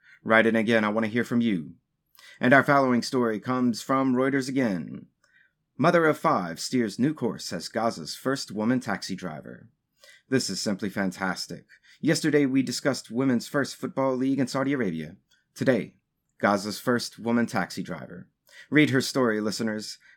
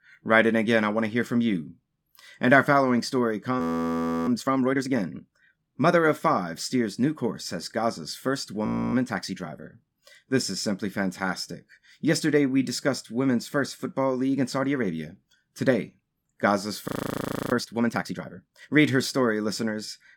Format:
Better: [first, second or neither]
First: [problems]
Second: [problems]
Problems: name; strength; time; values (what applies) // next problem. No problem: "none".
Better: first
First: none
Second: audio freezing; at 3.5 s for 0.5 s, at 8.5 s and at 17 s for 0.5 s